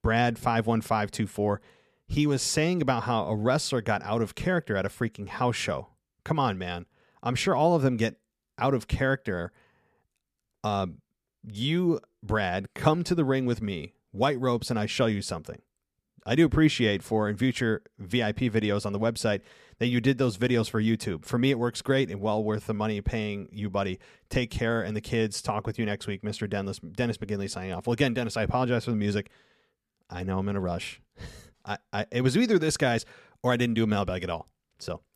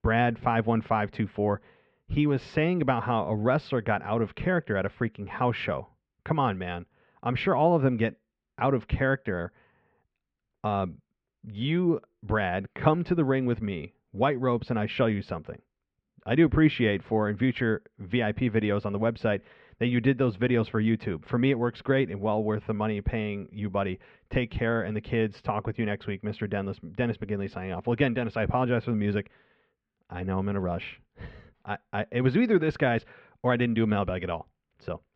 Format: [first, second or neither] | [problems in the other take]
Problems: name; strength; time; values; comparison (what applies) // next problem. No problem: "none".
first | muffled; very; fading above 3 kHz